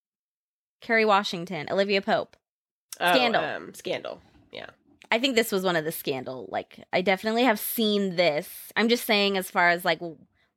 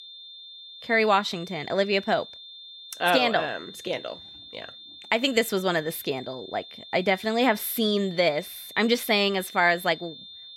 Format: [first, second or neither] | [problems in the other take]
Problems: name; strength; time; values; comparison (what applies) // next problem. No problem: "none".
first | high-pitched whine; noticeable; throughout; 3.5 kHz, 15 dB below the speech